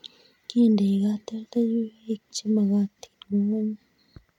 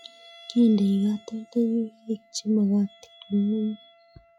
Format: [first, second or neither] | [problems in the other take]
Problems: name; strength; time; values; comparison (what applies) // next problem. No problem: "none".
first | noise reduction (classical method log-MMSE)